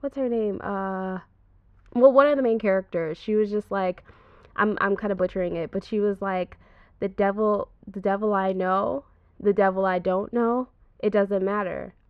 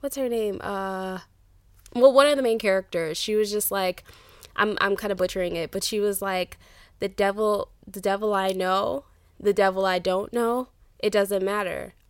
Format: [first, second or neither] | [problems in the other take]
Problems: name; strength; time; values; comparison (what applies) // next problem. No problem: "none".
second | muffled; very; fading above 1.5 kHz